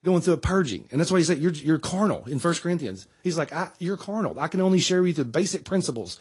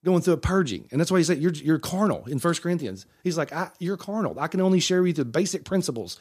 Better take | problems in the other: second | garbled, watery; slightly; nothing above 11 kHz

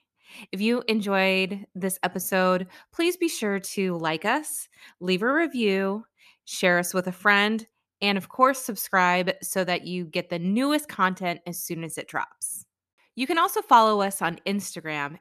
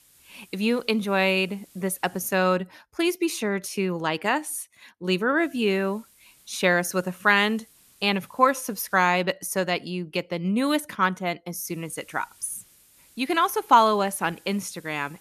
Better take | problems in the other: first | hiss; faint; until 2.5 s, from 5.5 to 9 s and from 12 s on; 30 dB below the speech

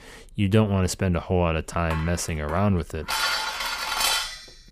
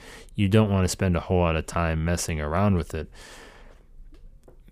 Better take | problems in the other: second | clattering dishes; loud; from 2 s on; peak 3 dB above the speech

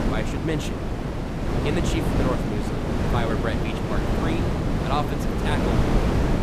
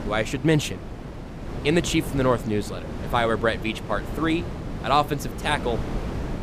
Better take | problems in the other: second | wind noise on the microphone; heavy; 2 dB above the speech; occasional gusts in the second

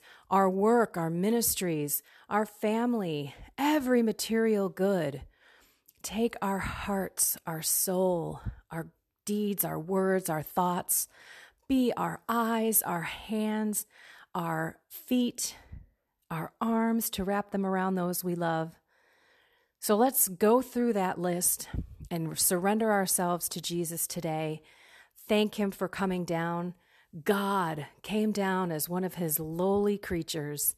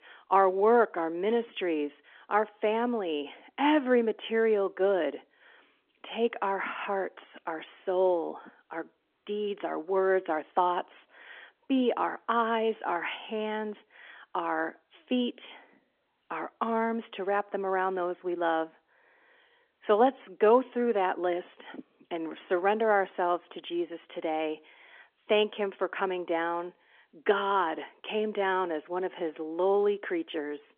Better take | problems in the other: first | phone-call audio; nothing above 3.5 kHz

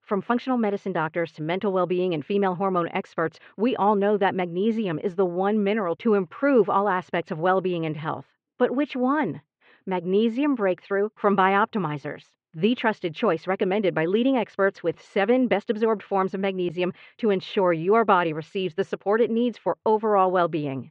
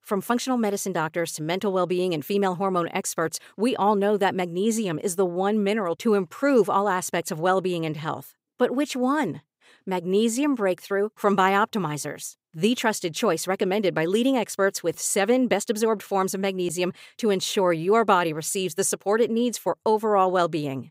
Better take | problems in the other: second | muffled; very; fading above 3 kHz

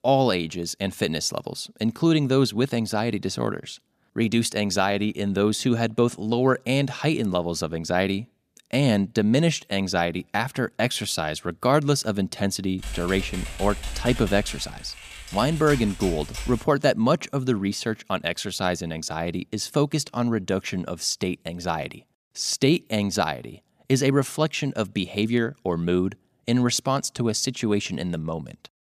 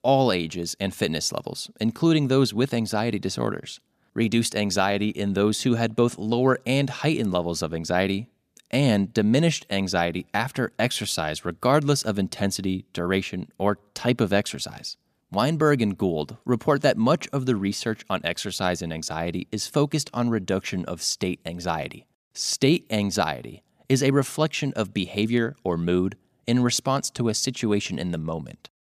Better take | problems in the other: second | keyboard typing; noticeable; from 13 to 17 s; peak 9 dB below the speech

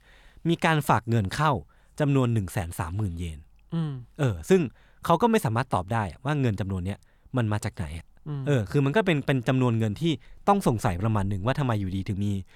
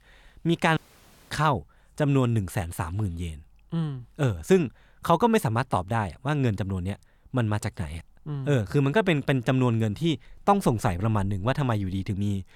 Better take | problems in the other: first | audio cutting out; at 1 s for 0.5 s

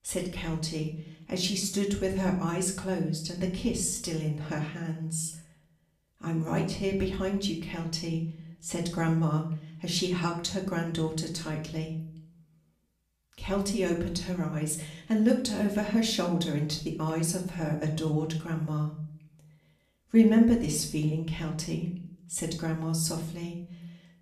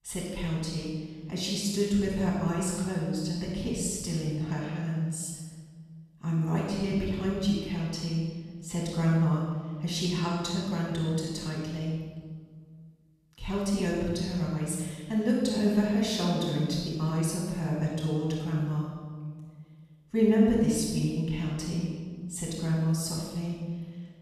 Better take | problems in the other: first | room echo; strong; dies away in 1.4 s; slight in the first // off-mic speech; far; far in the first

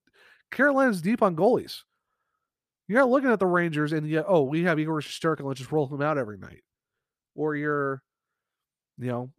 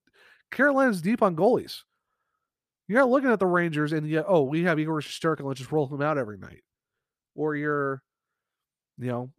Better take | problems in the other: neither | none

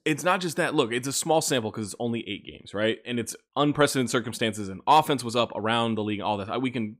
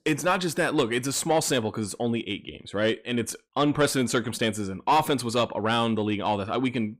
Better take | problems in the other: first | distortion; slight; 10 dB below the speech

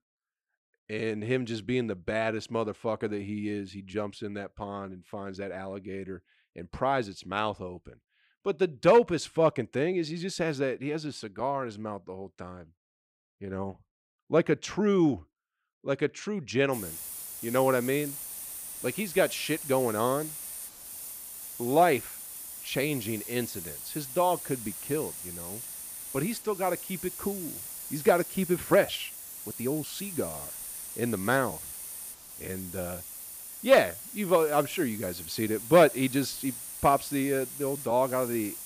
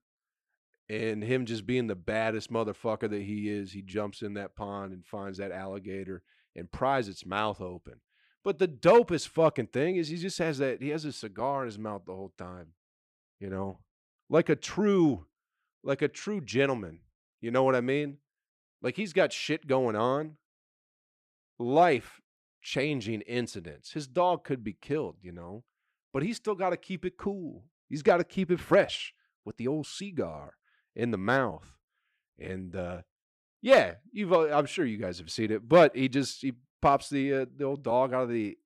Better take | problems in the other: second | hiss; loud; from 17 s on; 9 dB below the speech

